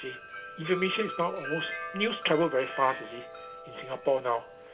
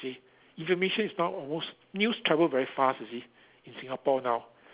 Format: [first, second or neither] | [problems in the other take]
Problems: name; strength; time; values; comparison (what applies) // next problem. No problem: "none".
second | background sound (Wind chime); 10 dB below the speech // room echo; dies away in 0.2 s